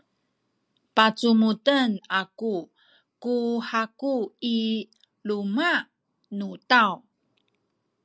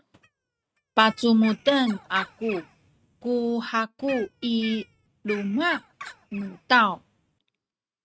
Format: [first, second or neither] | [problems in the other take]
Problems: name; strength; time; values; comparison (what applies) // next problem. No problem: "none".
first | noise reduction (neural mask model RNNoise)